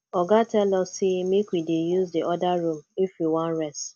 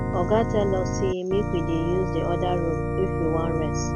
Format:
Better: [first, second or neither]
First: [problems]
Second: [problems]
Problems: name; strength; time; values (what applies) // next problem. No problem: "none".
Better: first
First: none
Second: background sound (Organ); as loud as the speech